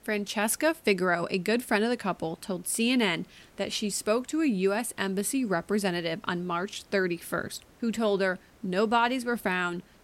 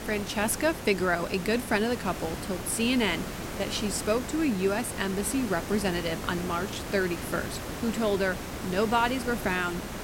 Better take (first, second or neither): first